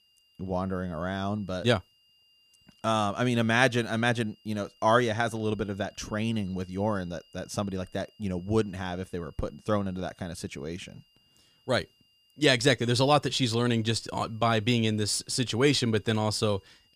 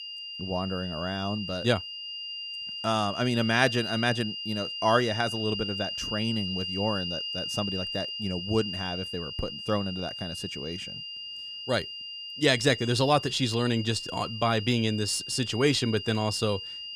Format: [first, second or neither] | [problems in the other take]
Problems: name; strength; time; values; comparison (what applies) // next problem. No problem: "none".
first | high-pitched whine; loud; throughout; 3 kHz, 6 dB below the speech; faint in the first